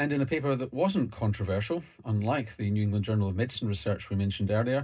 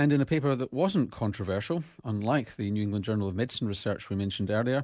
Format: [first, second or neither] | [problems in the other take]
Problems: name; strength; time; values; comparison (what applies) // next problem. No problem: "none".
second | room echo; dies away in 0.2 s